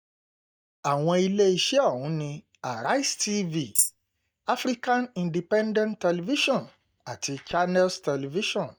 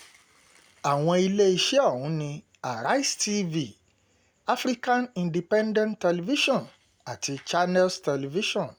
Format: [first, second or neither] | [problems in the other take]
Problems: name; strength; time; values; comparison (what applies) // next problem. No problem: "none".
second | noise reduction (neural mask model DeepFilterNet 3)